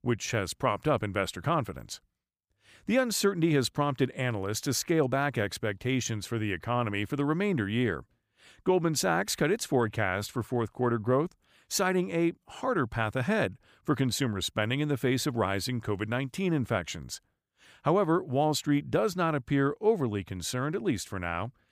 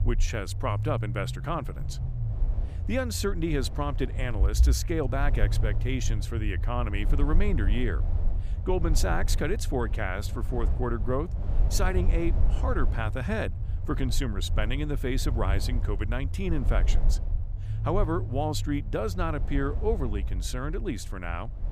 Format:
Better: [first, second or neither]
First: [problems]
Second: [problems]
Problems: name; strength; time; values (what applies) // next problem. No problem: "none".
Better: first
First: none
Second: low rumble; noticeable; throughout; 15 dB below the speech